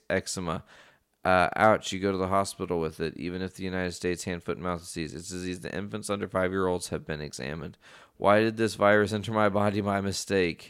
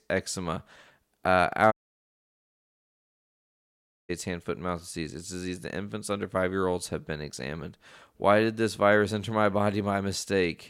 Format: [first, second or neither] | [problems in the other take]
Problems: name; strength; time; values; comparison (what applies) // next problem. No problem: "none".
first | audio cutting out; at 1.5 s for 2.5 s